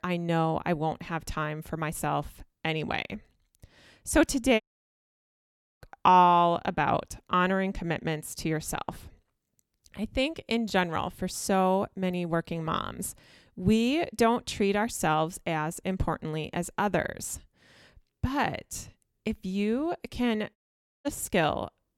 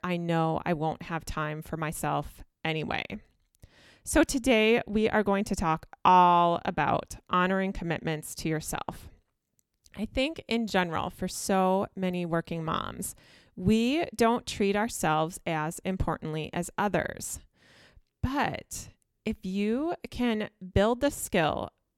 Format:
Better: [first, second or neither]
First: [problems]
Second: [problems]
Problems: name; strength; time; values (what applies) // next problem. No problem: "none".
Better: second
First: audio cutting out; at 4.5 s for 1 s and at 21 s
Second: none